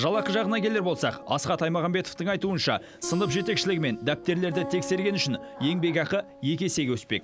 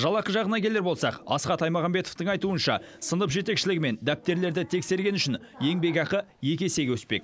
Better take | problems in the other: second | background sound (Acoustic guitar + Acoustic guitar); 12 dB below the speech

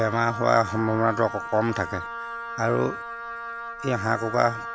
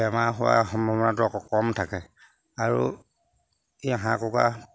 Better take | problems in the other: second | background sound (Wind instrument, woodwind instrument); 9 dB below the speech

